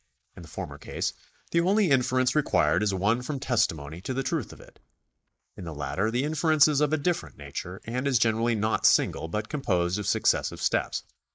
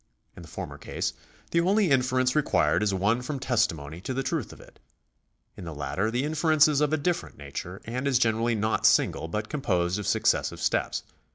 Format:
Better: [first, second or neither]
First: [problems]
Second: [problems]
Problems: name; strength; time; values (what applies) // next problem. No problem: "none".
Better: second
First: noise reduction (neural mask model Resemble Enhance denoiser)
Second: none